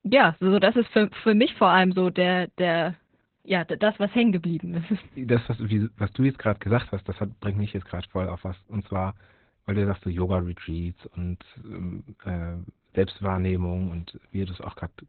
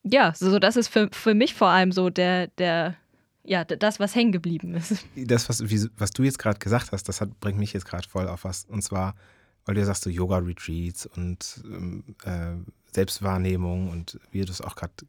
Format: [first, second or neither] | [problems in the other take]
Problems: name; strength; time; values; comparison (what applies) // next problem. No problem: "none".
second | garbled, watery; badly; nothing above 4 kHz